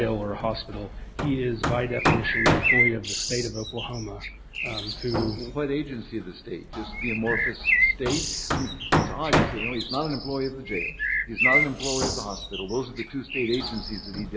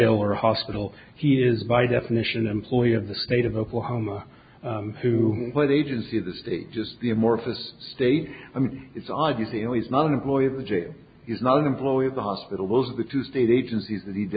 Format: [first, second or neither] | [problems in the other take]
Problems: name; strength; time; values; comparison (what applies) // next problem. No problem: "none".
second | background sound (Hammer + Bird); 3 dB above the speech